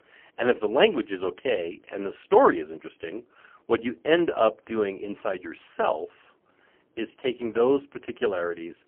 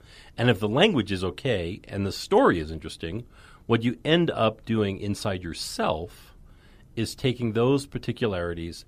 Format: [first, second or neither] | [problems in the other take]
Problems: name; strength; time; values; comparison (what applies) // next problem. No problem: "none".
second | phone-call audio; poor line; nothing above 3 kHz